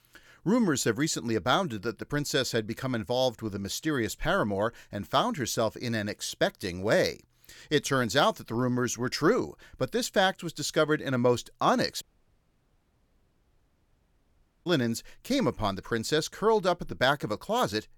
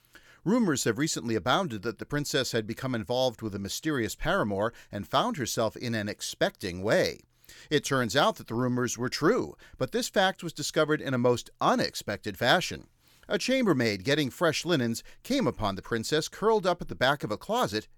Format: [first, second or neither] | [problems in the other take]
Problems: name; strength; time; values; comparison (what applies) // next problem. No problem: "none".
second | audio cutting out; at 12 s for 2.5 s